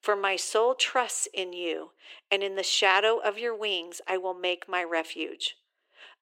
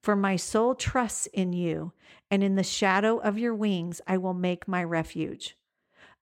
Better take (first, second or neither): second